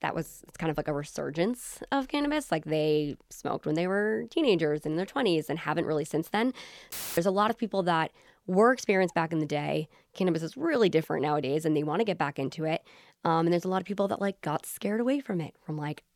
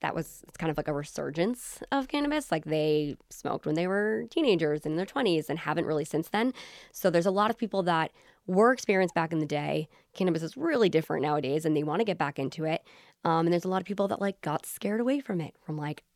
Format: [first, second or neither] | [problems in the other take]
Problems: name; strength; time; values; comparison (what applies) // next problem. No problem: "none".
second | audio cutting out; filled with static; at 7 s